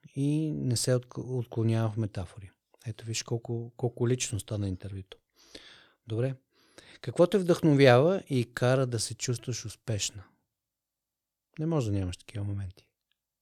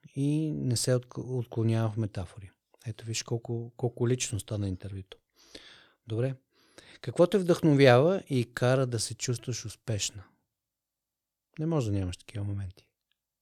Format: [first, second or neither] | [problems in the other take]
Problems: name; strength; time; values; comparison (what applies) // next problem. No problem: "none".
neither | none